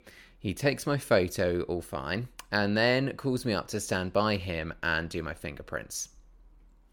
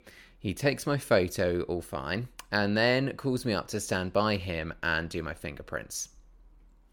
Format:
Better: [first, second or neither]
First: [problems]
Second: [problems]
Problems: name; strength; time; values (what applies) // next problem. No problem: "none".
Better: neither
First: none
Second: none